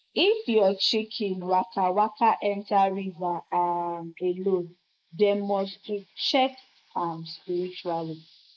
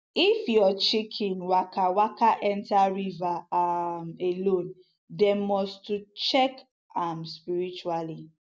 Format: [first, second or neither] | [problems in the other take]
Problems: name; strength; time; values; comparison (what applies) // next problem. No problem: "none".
second | noise reduction (neural mask model Resemble Enhance denoiser)